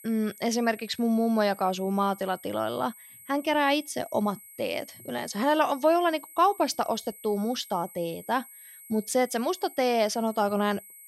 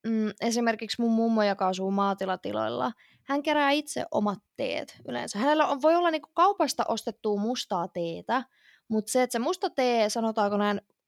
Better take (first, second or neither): second